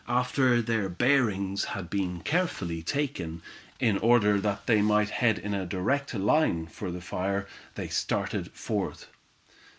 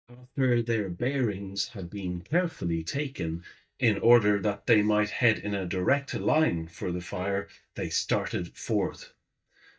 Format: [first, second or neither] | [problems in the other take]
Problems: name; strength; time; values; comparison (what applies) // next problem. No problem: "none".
first | noise reduction (neural mask model DeepFilterNet 3)